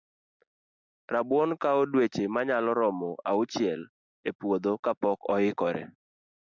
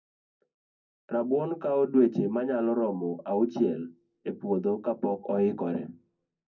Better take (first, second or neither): first